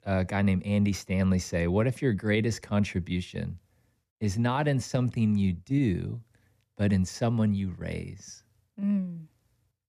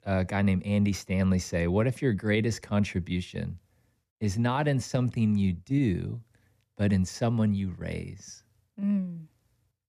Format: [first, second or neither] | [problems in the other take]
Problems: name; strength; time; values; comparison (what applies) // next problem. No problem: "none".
neither | none